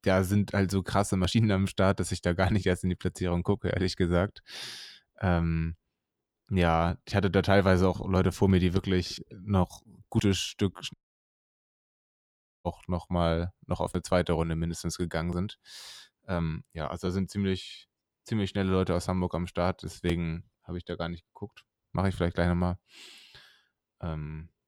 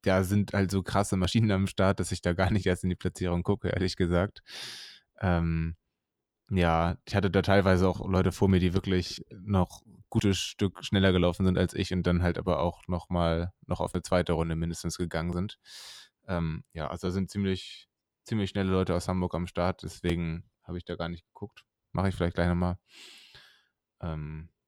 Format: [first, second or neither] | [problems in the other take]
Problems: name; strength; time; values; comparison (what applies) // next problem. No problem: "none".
second | audio cutting out; at 11 s for 1.5 s